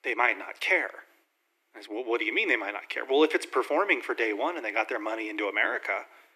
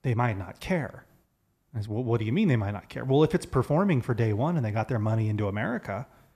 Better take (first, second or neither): second